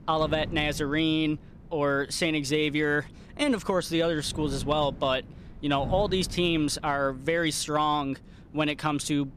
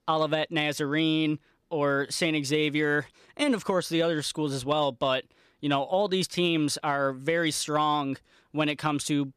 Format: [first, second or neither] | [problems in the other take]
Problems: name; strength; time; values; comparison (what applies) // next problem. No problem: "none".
second | wind noise on the microphone; occasional gusts; 25 dB below the speech